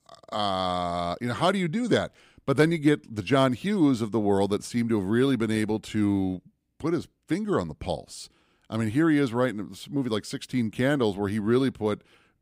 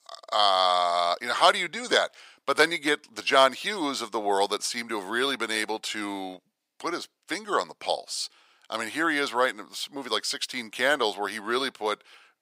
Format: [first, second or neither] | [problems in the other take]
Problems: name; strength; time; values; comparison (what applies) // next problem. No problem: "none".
first | thin; very; fading below 800 Hz